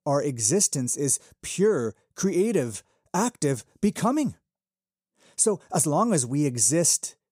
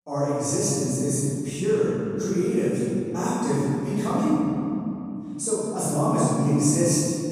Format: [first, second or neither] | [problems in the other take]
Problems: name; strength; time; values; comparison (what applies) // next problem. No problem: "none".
first | off-mic speech; far // room echo; strong; dies away in 3 s